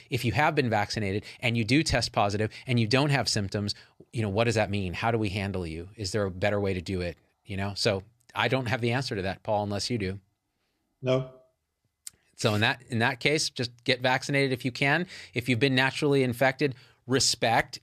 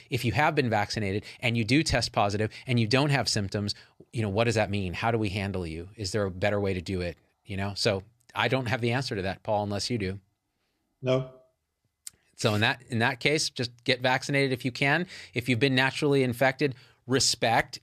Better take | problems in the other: neither | none

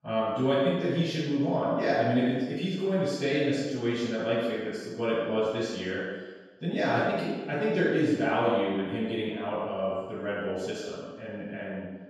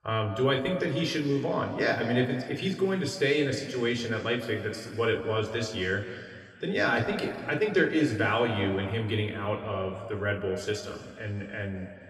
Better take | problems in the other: second | room echo; strong; dies away in 1.2 s; slight in the second // off-mic speech; far; somewhat distant in the second

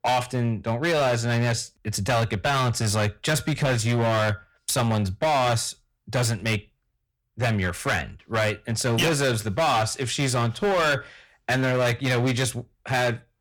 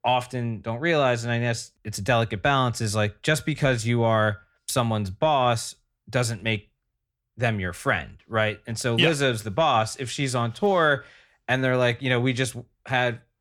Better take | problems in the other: second | distortion; heavy; 15% of the sound clipped

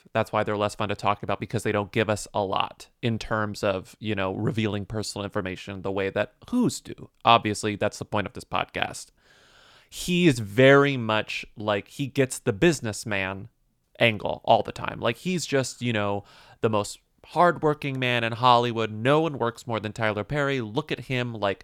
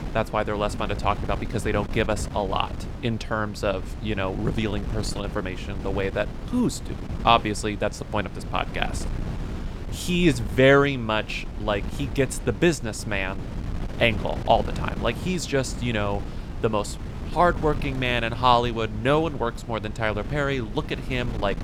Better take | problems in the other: first | wind noise on the microphone; occasional gusts; 15 dB below the speech

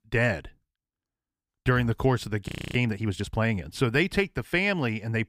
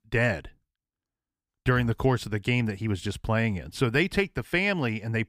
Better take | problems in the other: second | audio freezing; at 2.5 s

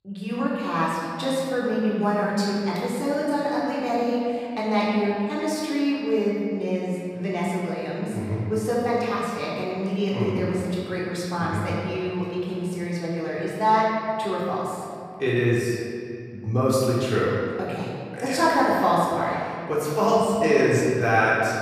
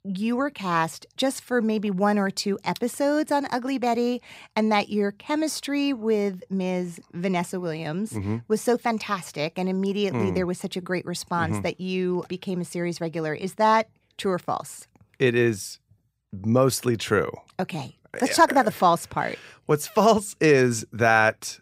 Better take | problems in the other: second | room echo; strong; dies away in 2.1 s // off-mic speech; far

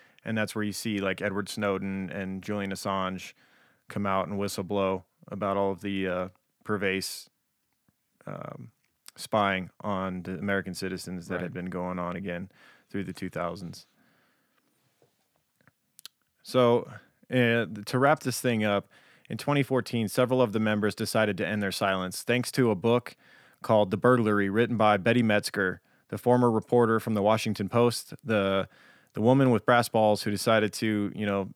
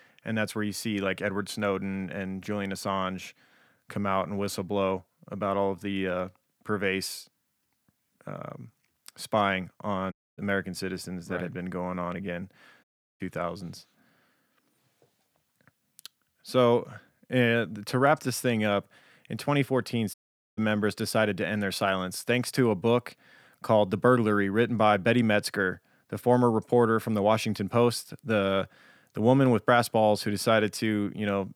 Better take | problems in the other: first | audio cutting out; at 10 s, at 13 s and at 20 s

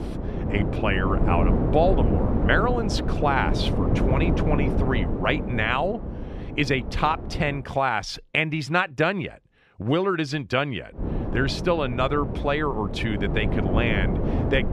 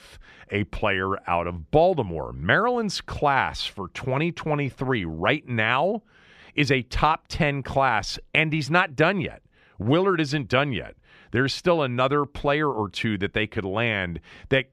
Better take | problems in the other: second | wind noise on the microphone; heavy; until 7.5 s and from 11 s on; 7 dB below the speech

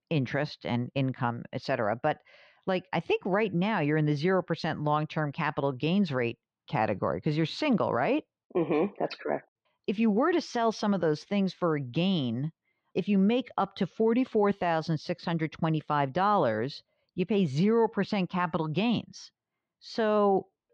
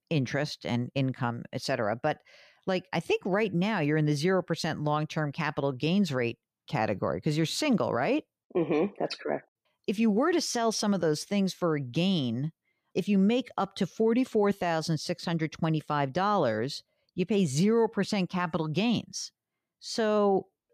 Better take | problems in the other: second | muffled; slightly; fading above 4 kHz

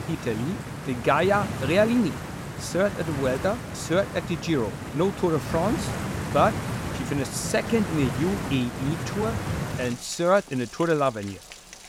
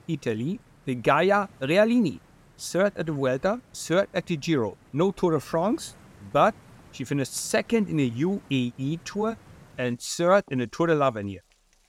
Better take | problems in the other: second | rain or running water; loud; throughout; 7 dB below the speech; faint in the second

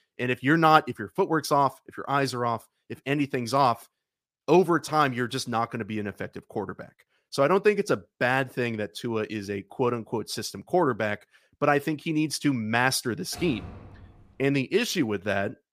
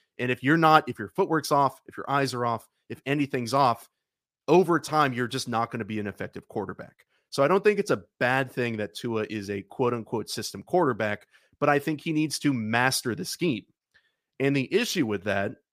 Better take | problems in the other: second | door banging; faint; from 13 to 14 s; peak 15 dB below the speech

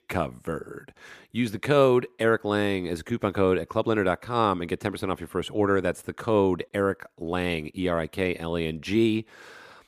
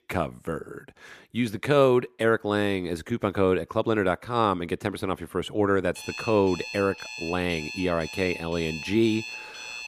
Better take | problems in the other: first | alarm; noticeable; from 6 s on; peak 9 dB below the speech

